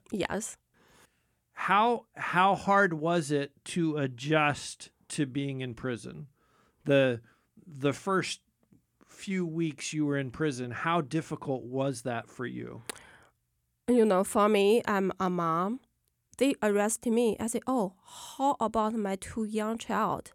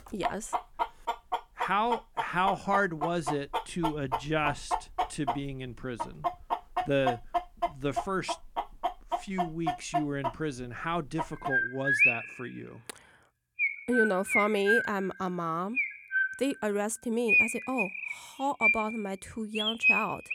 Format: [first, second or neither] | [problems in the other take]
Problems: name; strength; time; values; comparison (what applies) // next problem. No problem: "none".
first | animal sounds; very loud; throughout; 2 dB above the speech